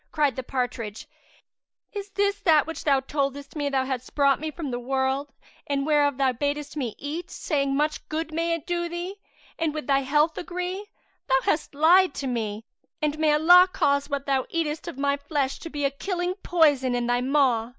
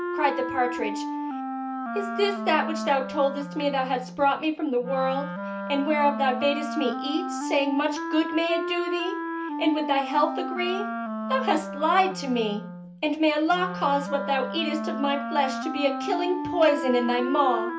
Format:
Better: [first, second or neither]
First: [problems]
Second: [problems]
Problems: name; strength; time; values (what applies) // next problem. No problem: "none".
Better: first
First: none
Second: background sound (Wind instrument, woodwind instrument); 5 dB below the speech // room echo; dies away in 0.3 s